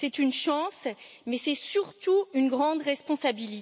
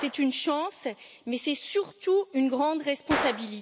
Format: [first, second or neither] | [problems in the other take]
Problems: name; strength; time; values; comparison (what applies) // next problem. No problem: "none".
first | background sound (Gunshot, gunfire); 10 dB below the speech